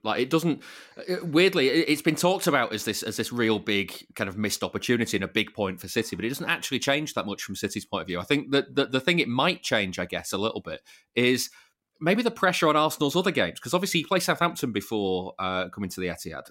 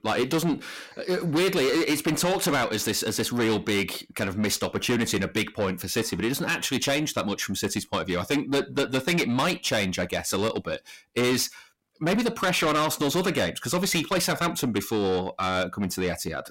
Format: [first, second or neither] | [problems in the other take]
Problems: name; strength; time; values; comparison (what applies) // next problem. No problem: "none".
first | distortion; heavy; 6 dB below the speech